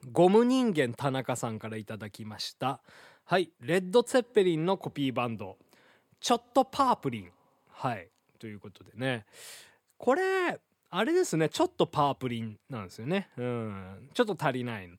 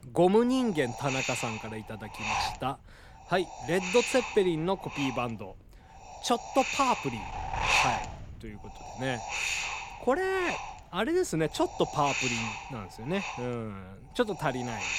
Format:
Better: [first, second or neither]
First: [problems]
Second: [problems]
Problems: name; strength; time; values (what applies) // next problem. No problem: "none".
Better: first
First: none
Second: wind noise on the microphone; heavy; 2 dB below the speech